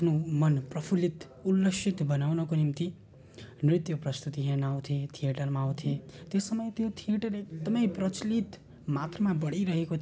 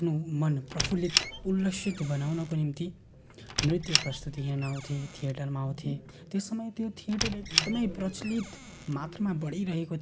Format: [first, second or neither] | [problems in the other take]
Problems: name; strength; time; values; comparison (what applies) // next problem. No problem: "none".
first | background sound (Squeak); 4 dB below the speech